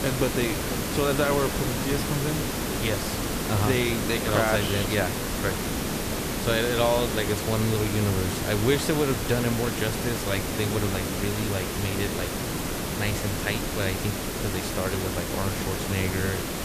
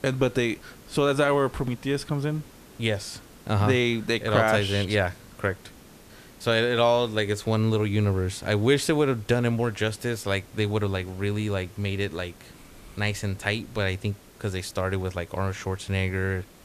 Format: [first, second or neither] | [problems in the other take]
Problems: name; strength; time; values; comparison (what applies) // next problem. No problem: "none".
second | hiss; loud; throughout; 1 dB below the speech; faint in the second